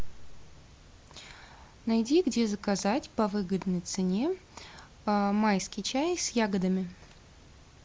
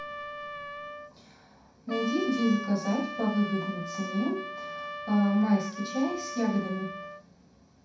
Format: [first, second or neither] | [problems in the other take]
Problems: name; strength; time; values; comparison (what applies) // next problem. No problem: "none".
first | background sound (Trumpet); 9 dB below the speech // room echo; dies away in 0.6 s